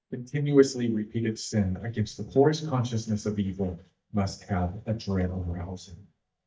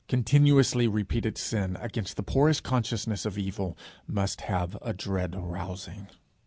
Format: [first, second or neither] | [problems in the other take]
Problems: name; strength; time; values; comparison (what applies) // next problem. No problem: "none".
second | noise reduction (neural mask model DeepFilterNet 3)